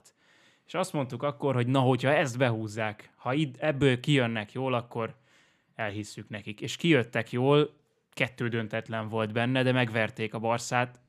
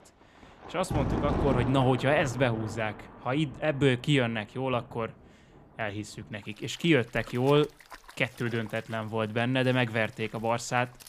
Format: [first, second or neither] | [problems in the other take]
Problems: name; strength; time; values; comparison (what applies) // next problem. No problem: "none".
first | rain or running water; loud; throughout; 8 dB below the speech